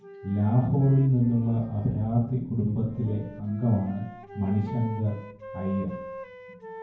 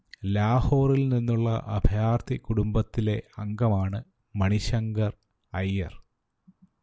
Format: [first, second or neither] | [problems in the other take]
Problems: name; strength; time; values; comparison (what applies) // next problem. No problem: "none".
second | background sound (Wind instrument, woodwind instrument); 17 dB below the speech // room echo; dies away in 0.9 s